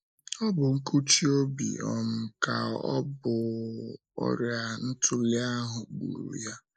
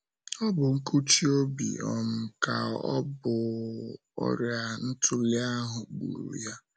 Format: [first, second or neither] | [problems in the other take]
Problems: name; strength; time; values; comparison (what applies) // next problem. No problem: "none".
second | noise reduction (neural mask model Resemble Enhance denoiser)